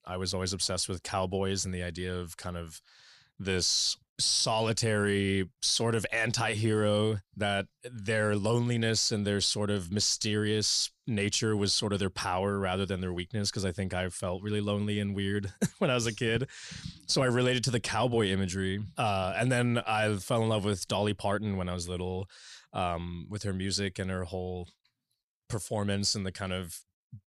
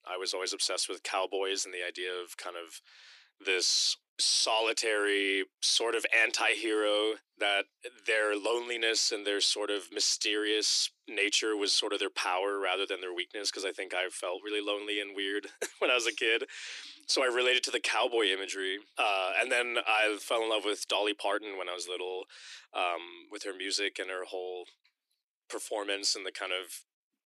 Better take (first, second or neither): first